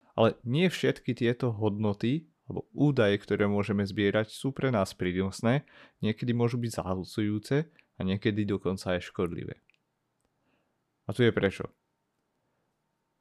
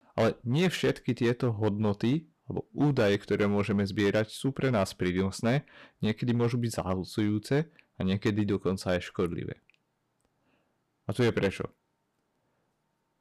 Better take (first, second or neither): first